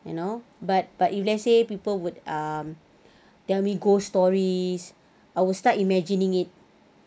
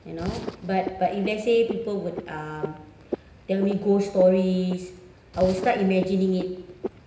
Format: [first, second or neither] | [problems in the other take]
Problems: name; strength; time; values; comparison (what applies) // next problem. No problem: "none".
first | background sound (Frog); 12 dB below the speech // room echo; dies away in 0.9 s